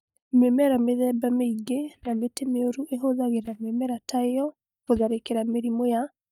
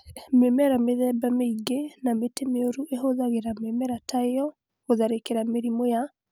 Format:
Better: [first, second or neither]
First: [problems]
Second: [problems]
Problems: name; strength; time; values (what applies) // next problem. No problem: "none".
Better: second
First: noise reduction (neural mask model DeepFilterNet 3)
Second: none